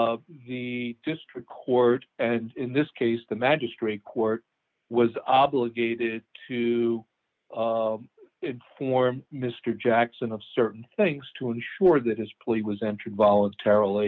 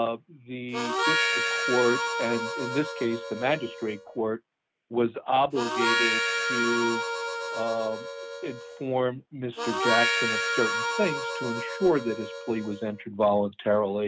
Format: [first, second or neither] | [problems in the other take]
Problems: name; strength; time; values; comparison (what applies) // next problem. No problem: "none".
first | background sound (Harmonica); as loud as the speech